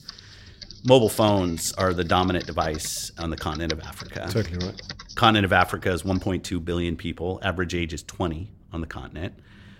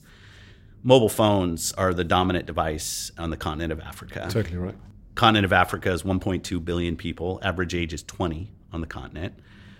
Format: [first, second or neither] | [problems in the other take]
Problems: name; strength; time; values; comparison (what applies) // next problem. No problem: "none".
second | keyboard typing; faint; until 6 s; peak 10 dB below the speech